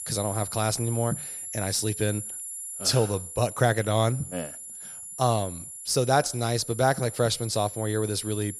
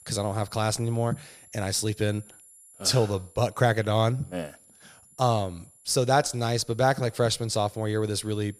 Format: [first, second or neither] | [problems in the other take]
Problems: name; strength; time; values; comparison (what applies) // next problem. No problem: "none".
second | high-pitched whine; loud; throughout; 10.5 kHz, 9 dB below the speech; faint in the second